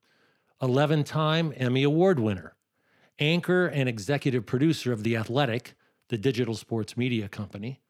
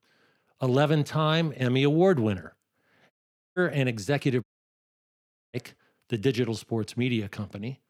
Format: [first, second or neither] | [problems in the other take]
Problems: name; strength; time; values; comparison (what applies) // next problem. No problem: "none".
first | audio cutting out; at 3 s and at 4.5 s for 1 s